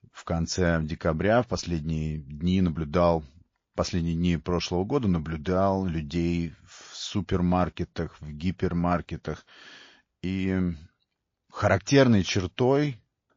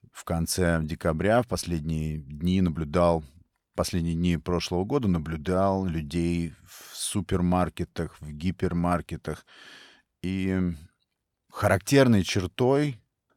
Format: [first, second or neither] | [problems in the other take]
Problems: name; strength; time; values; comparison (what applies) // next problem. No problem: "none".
second | garbled, watery; slightly; nothing above 6.5 kHz